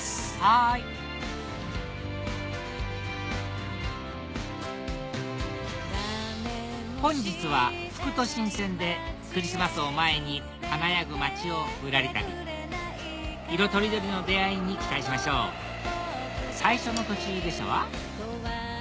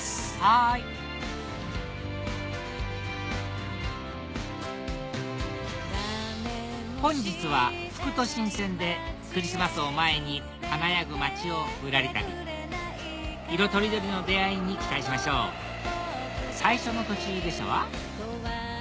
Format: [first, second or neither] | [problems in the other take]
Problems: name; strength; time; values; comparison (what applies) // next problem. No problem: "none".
second | background sound (Cutlery, silverware); 14 dB below the speech